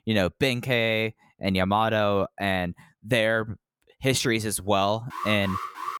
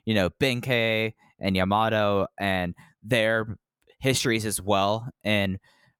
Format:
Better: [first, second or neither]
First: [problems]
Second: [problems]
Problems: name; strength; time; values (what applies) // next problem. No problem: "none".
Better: second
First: alarm; noticeable; at 5 s; peak 8 dB below the speech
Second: none